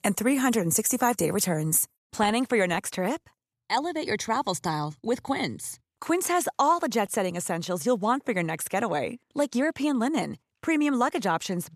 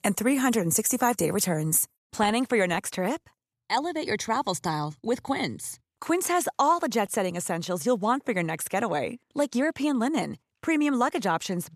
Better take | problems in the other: neither | none

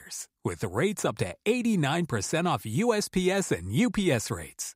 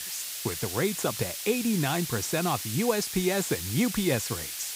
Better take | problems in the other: first | hiss; loud; throughout; 4 dB below the speech

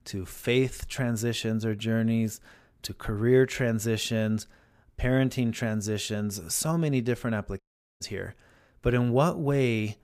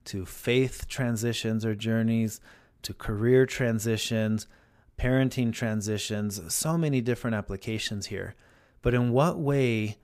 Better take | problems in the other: second | audio cutting out; at 7.5 s

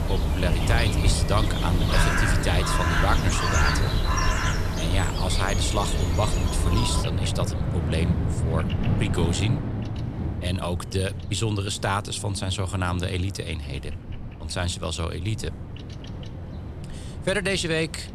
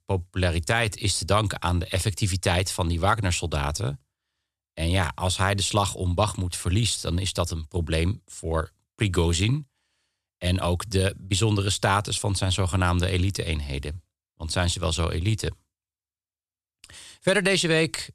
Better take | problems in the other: second | animal sounds; very loud; throughout; 1 dB above the speech

